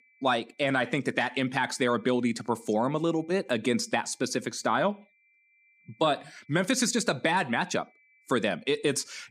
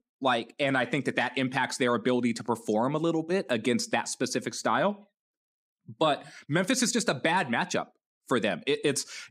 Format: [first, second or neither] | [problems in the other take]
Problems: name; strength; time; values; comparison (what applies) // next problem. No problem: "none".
second | high-pitched whine; faint; throughout; 2.5 kHz, 35 dB below the speech